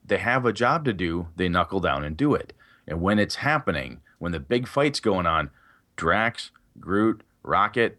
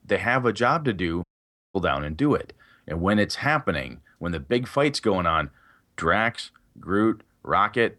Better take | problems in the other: first | audio cutting out; at 1 s for 0.5 s

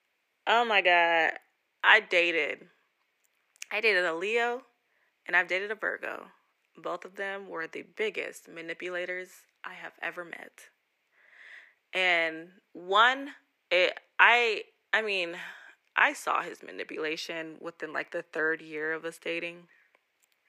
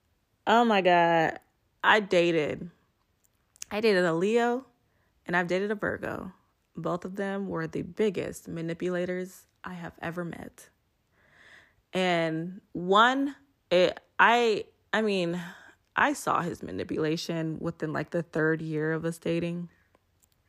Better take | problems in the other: second | thin; very; fading below 450 Hz

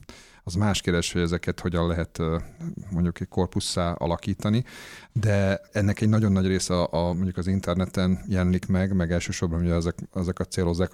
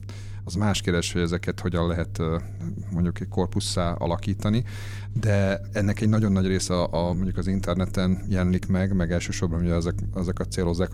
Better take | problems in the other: first | low rumble; faint; throughout; 20 dB below the speech

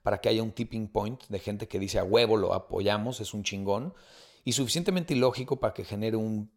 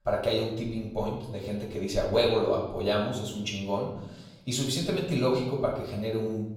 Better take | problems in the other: first | off-mic speech; far // room echo; noticeable; dies away in 0.8 s

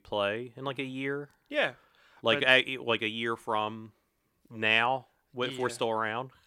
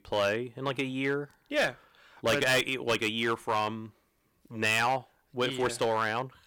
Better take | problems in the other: first | distortion; heavy; 5% of the sound clipped

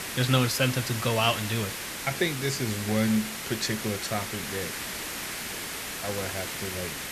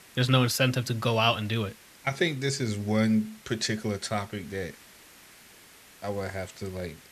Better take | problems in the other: second | hiss; loud; throughout; 4 dB below the speech; faint in the second

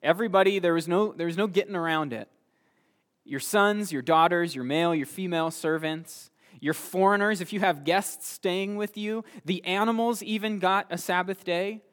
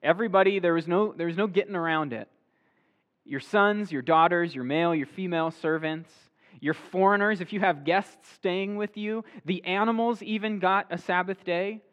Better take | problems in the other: first | muffled; slightly; fading above 2.5 kHz

